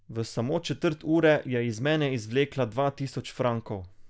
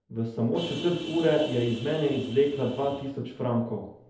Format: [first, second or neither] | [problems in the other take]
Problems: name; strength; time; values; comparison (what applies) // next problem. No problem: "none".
first | background sound (Vehicle horn, car horn, honking); 13 dB below the speech // room echo; dies away in 2.1 s